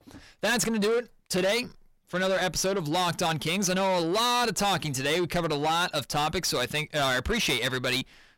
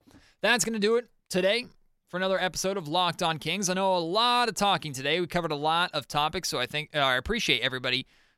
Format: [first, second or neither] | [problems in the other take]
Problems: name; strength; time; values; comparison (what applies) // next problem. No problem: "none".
second | distortion; heavy; 7 dB below the speech